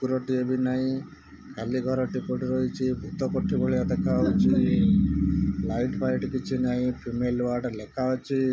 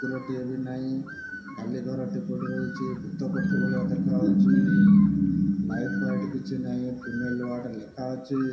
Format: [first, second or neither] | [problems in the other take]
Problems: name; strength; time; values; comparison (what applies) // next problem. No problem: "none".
first | background sound (Bird); 17 dB below the speech // room echo; dies away in 0.7 s